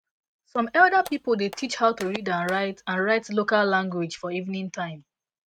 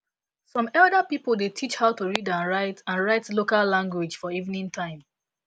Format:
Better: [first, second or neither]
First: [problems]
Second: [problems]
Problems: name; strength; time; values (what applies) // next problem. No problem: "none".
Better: second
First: noise reduction (neural mask model RNNoise)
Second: none